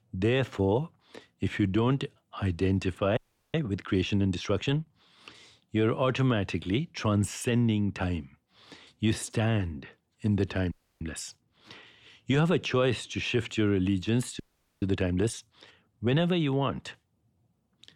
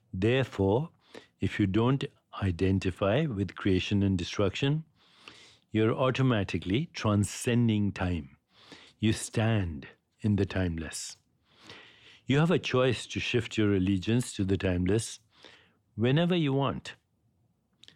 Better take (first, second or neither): second